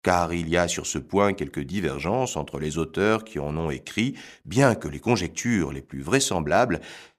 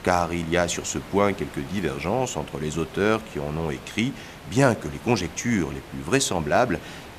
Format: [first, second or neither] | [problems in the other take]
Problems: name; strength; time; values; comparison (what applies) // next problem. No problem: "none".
first | hiss; noticeable; throughout; 15 dB below the speech